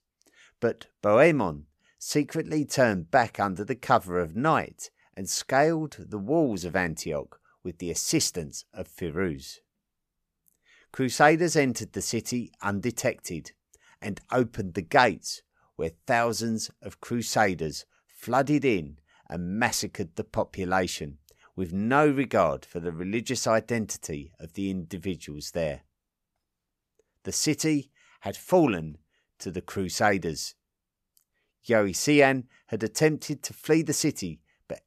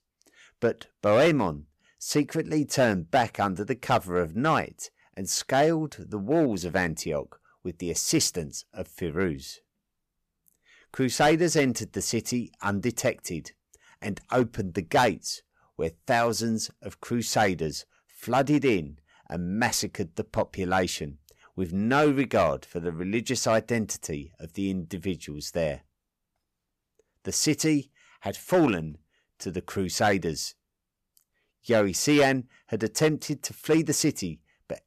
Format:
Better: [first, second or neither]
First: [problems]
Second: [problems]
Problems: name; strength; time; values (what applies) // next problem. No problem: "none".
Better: first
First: none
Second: distortion; slight; 2% of the sound clipped